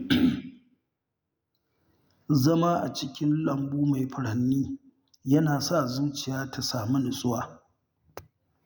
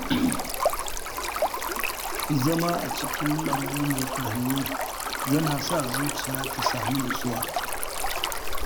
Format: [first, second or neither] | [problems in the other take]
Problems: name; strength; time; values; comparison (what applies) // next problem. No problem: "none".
first | background sound (Stream); 1 dB above the speech